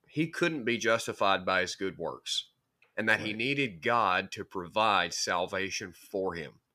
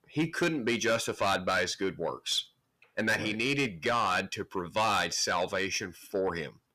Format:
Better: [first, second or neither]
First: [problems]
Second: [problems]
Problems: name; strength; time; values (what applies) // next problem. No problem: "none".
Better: first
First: none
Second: distortion; heavy; 8 dB below the speech